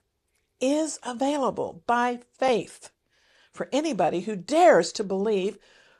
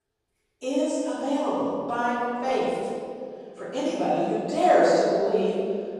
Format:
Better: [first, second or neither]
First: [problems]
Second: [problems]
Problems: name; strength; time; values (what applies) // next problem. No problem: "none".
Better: first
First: none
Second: off-mic speech; far // room echo; strong; dies away in 2.1 s